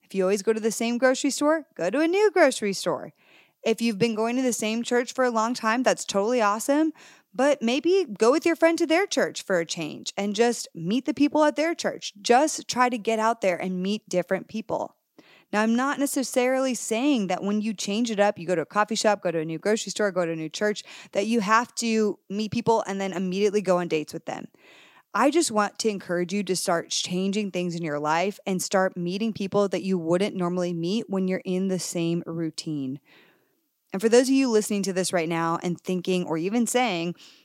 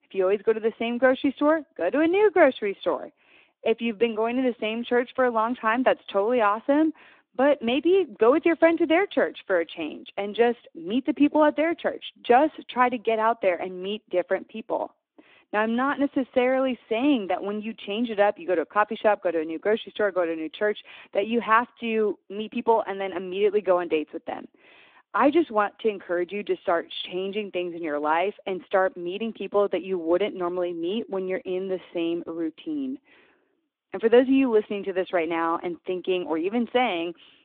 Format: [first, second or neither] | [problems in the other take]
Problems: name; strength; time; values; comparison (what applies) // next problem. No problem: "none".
first | phone-call audio